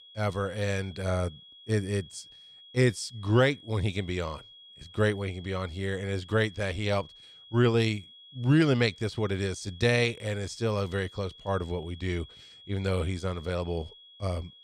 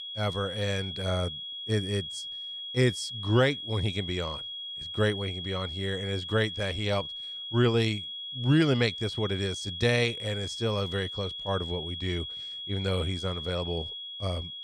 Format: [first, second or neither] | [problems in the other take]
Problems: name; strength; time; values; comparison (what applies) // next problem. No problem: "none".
first | high-pitched whine; loud; throughout; 3.5 kHz, 6 dB below the speech; faint in the first